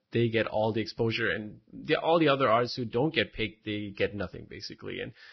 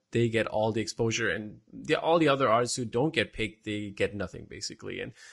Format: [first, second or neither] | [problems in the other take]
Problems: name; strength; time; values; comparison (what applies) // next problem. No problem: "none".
second | garbled, watery; badly; nothing above 5.5 kHz; slightly in the second